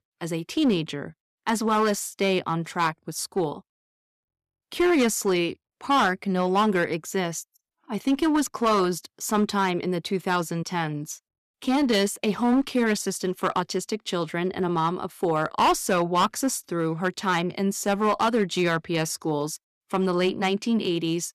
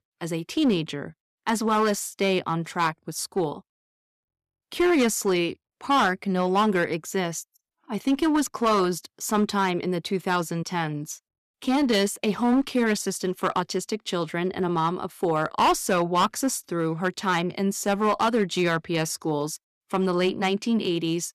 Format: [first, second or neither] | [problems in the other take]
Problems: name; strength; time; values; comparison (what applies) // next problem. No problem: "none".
neither | distortion; slight; 6% of the sound clipped; the same in both